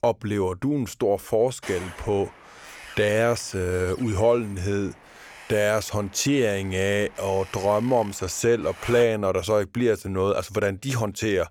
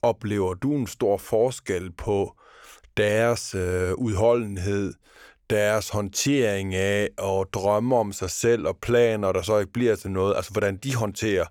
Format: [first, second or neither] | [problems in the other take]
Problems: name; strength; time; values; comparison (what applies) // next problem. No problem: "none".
second | wind noise on the microphone; occasional gusts; from 1.5 to 9 s; 15 dB below the speech